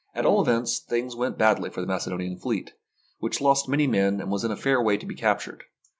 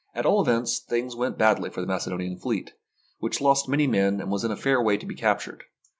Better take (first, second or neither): second